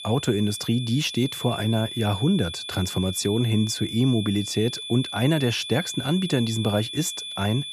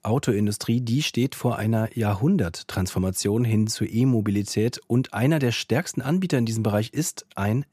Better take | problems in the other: second | high-pitched whine; loud; throughout; 3.5 kHz, 8 dB below the speech

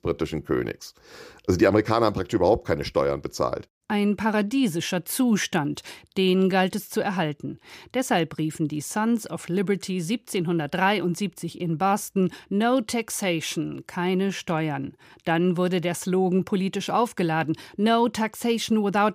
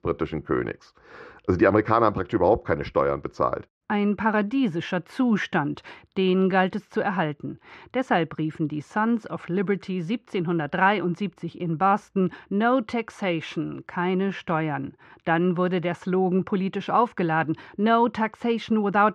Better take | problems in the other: first | muffled; very; fading above 2.5 kHz

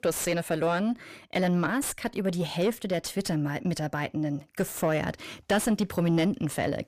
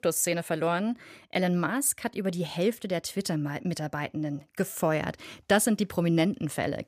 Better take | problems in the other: second | distortion; slight; 10 dB below the speech

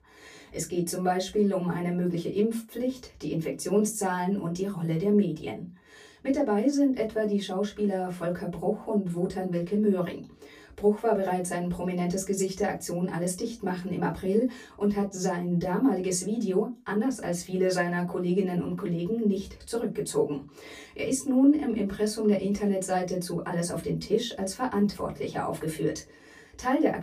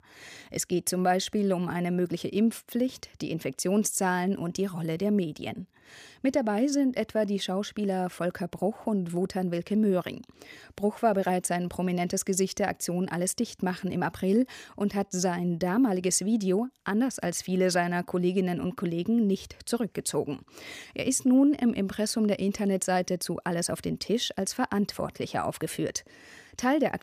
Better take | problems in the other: second | off-mic speech; far // room echo; very slight; dies away in 0.2 s

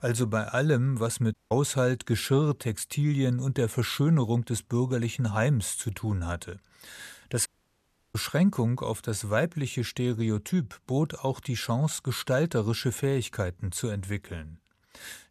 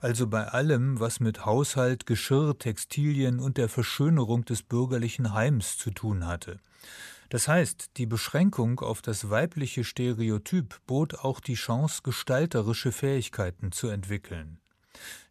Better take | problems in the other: second | audio cutting out; at 1.5 s and at 7.5 s for 0.5 s

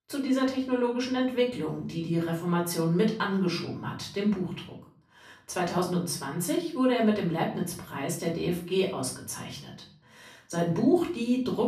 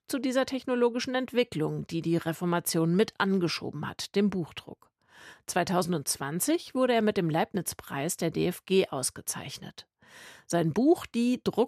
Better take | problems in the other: second | off-mic speech; far // room echo; slight; dies away in 0.4 s

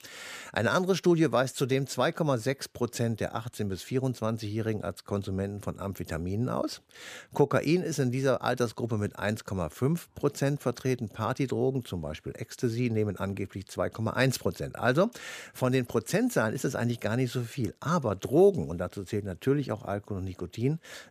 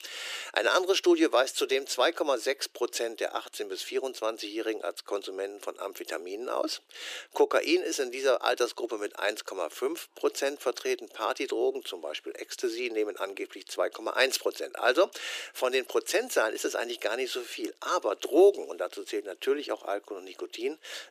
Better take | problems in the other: first | thin; very; fading below 300 Hz

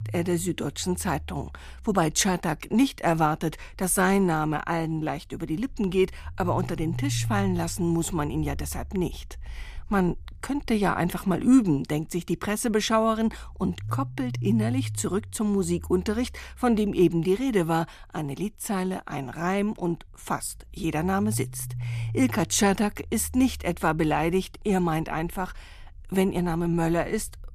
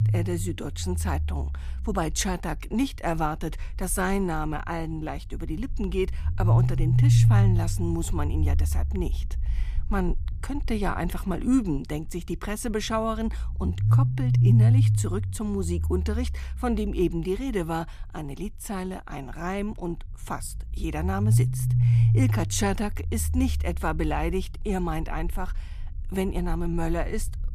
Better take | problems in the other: first | low rumble; loud; throughout; 5 dB below the speech; faint in the first

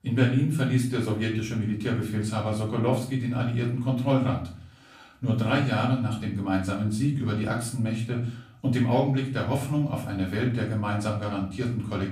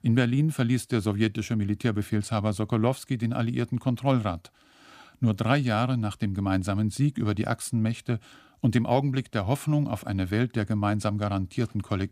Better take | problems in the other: second | off-mic speech; far // room echo; slight; dies away in 0.4 s

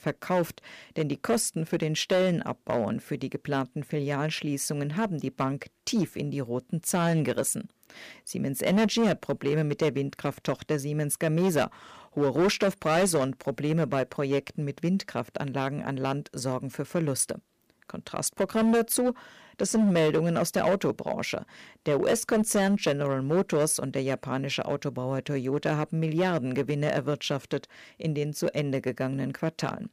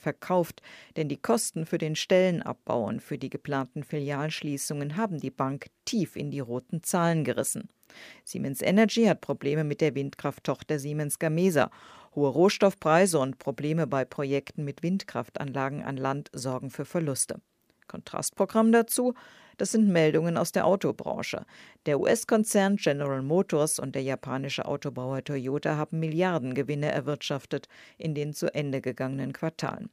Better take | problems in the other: second | distortion; slight; 5% of the sound clipped

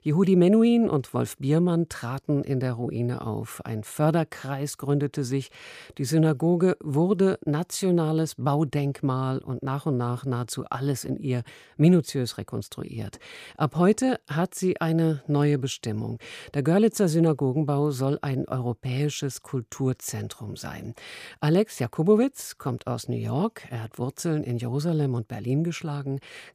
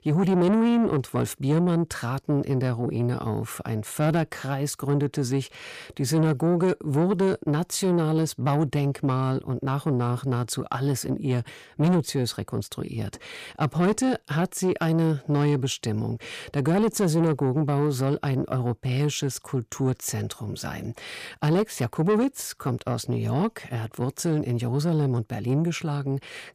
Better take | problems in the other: first | distortion; slight; 10 dB below the speech

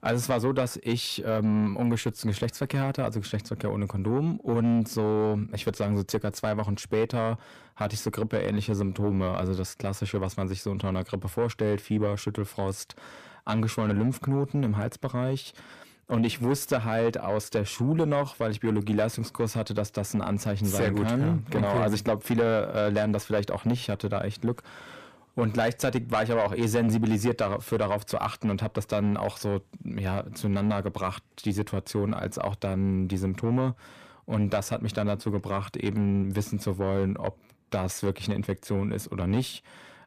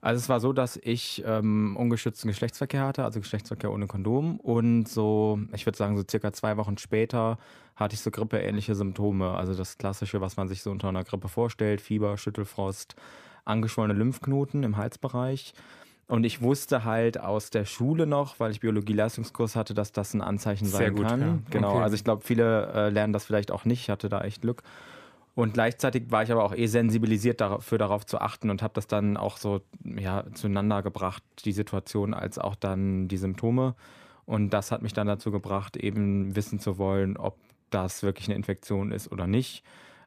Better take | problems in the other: second | distortion; slight; 10 dB below the speech

